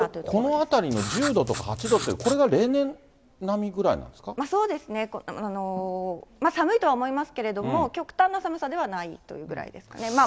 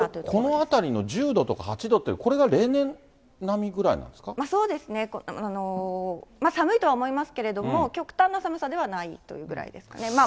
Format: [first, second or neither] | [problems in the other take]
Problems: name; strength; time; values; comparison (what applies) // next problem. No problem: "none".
second | background sound (Writing); 9 dB below the speech